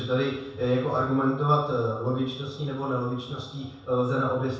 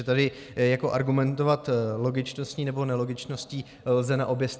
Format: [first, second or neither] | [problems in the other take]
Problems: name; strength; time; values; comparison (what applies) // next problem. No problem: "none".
second | room echo; dies away in 0.7 s